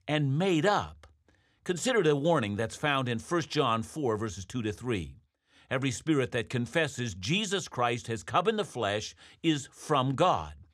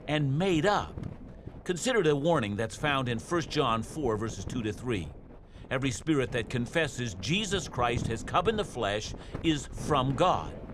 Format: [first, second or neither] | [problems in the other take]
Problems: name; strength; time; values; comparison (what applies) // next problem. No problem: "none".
first | wind noise on the microphone; occasional gusts; 20 dB below the speech